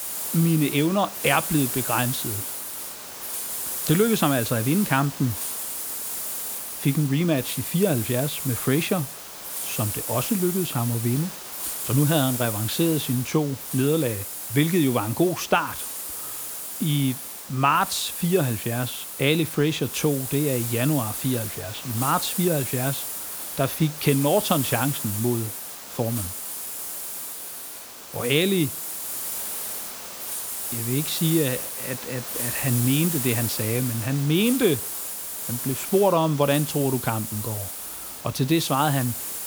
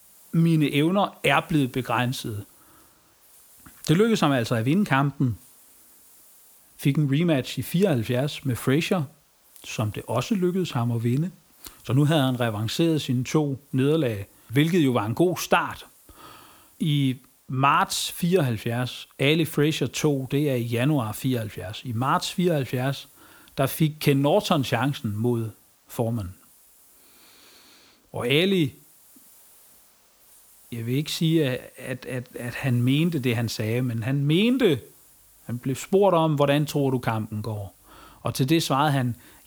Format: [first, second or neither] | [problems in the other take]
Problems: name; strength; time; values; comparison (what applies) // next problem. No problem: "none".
second | hiss; loud; throughout; 5 dB below the speech; faint in the second